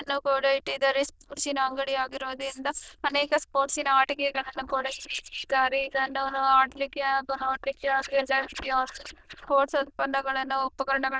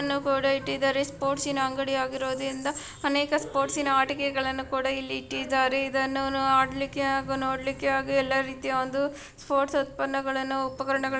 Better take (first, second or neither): second